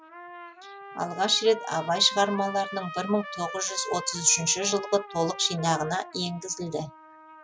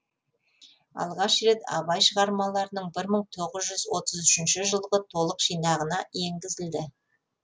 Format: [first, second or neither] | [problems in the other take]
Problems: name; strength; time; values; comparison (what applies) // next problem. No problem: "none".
second | background sound (Trumpet); 13 dB below the speech